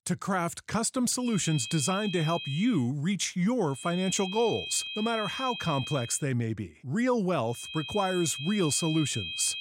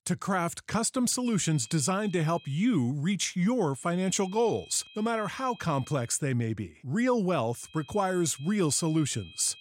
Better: second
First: high-pitched whine; loud; from 1.5 to 2.5 s, from 4 to 6 s and from 7.5 s on; 3 kHz, 7 dB below the speech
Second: high-pitched whine; faint; from 1.5 to 2.5 s, from 4 to 6 s and from 7.5 s on; 3 kHz, 20 dB below the speech

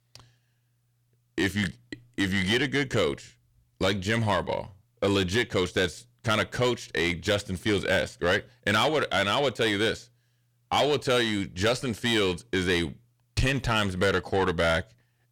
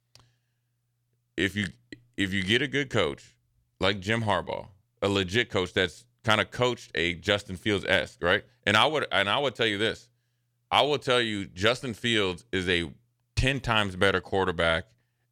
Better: second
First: distortion; heavy; 8 dB below the speech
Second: none

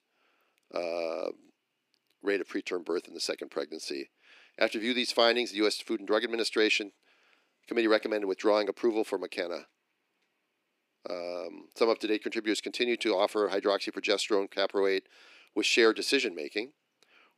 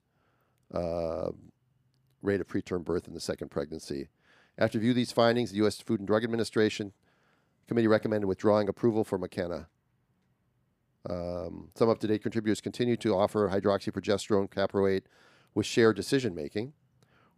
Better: second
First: thin; somewhat; fading below 300 Hz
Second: none

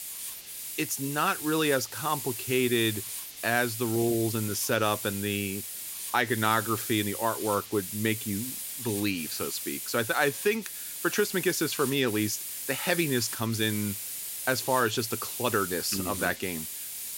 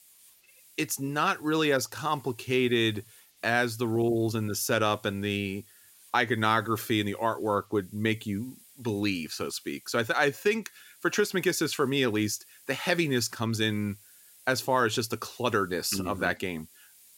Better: second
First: hiss; loud; throughout; 6 dB below the speech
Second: hiss; faint; throughout; 25 dB below the speech

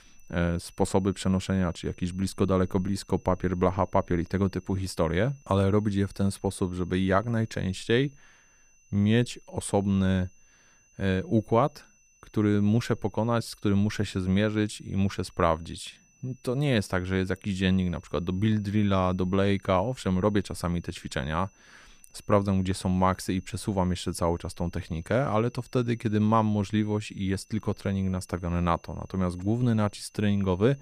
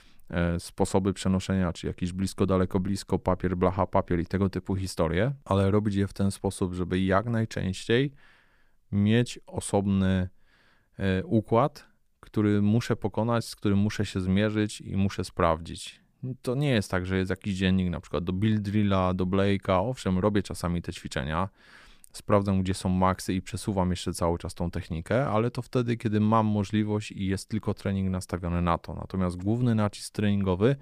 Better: second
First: high-pitched whine; faint; throughout; 6 kHz, 35 dB below the speech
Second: none

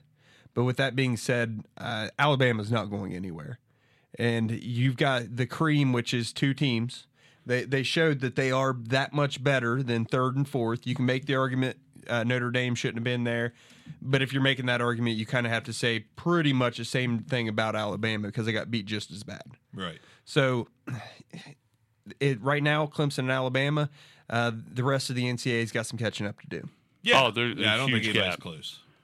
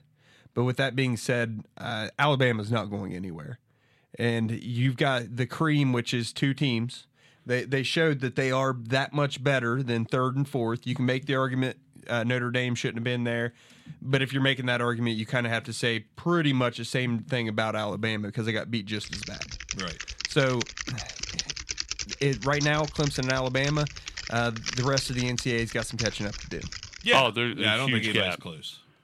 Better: first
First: none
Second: keyboard typing; noticeable; from 19 to 27 s; peak 3 dB below the speech

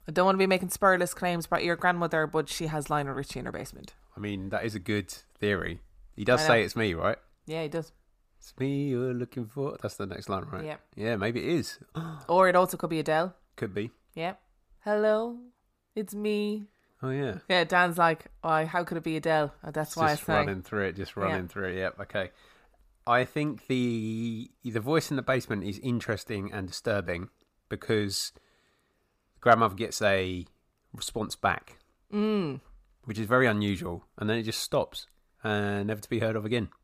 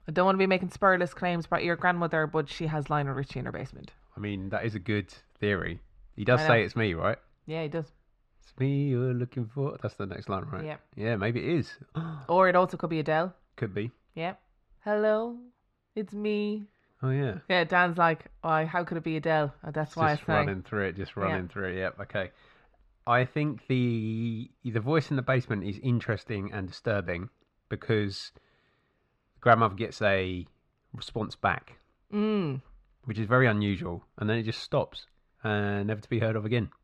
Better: first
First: none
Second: muffled; very slightly; fading above 3 kHz

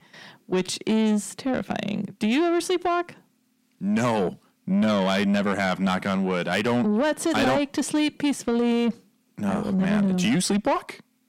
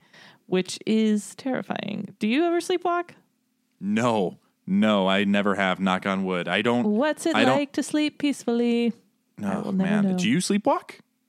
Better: second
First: distortion; slight; 10 dB below the speech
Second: none

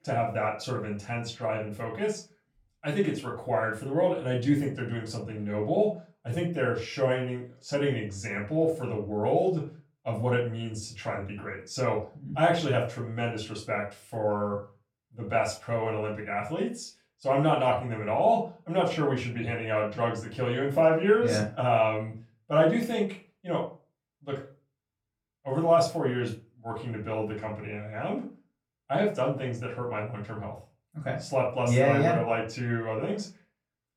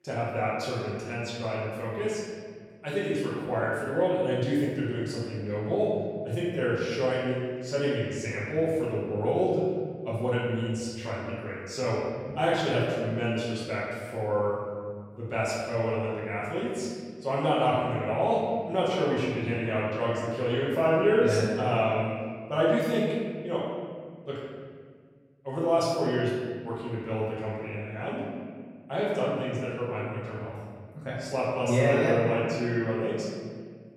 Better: first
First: room echo; slight; dies away in 0.3 s // off-mic speech; far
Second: room echo; strong; dies away in 1.7 s // off-mic speech; far

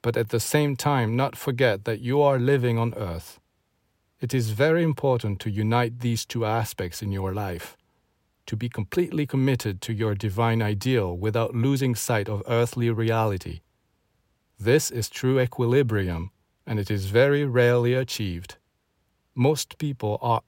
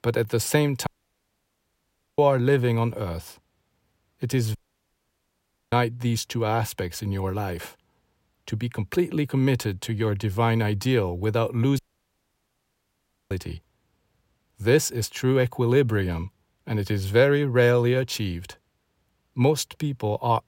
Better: first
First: none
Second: audio cutting out; at 1 s for 1.5 s, at 4.5 s for 1 s and at 12 s for 1.5 s

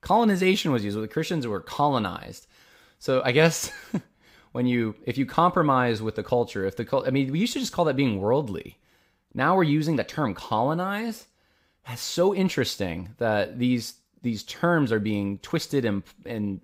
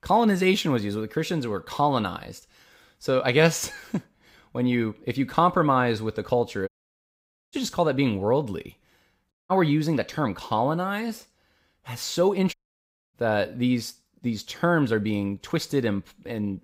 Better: first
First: none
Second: audio cutting out; at 6.5 s for 1 s, at 9.5 s and at 13 s for 0.5 s

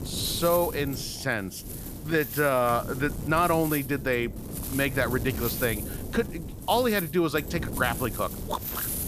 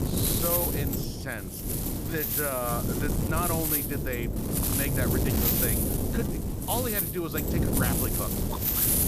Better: first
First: wind noise on the microphone; occasional gusts; 15 dB below the speech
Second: wind noise on the microphone; heavy; 1 dB above the speech

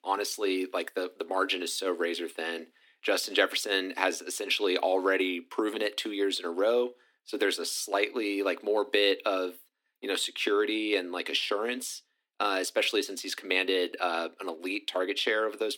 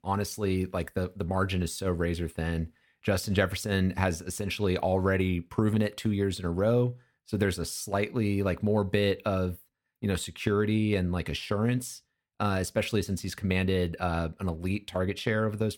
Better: second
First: thin; somewhat; fading below 250 Hz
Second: none

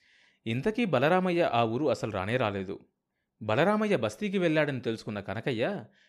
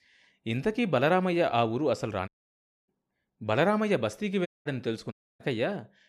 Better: first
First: none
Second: audio cutting out; at 2.5 s for 0.5 s, at 4.5 s and at 5 s

